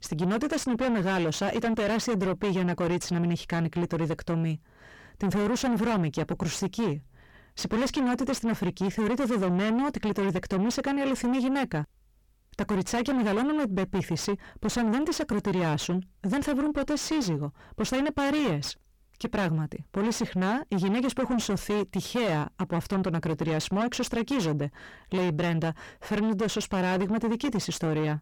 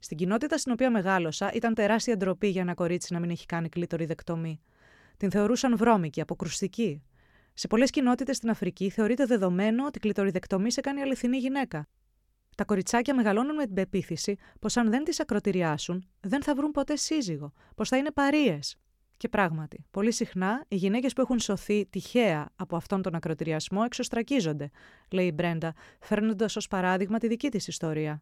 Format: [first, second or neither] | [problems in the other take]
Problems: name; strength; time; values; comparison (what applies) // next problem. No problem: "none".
second | distortion; heavy; 6 dB below the speech